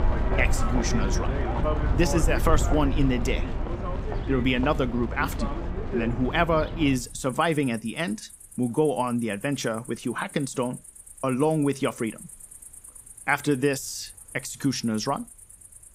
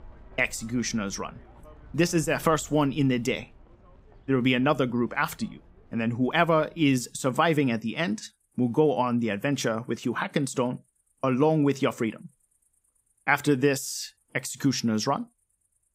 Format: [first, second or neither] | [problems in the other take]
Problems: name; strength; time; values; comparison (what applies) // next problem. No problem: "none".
second | animal sounds; loud; throughout; 3 dB below the speech; faint in the second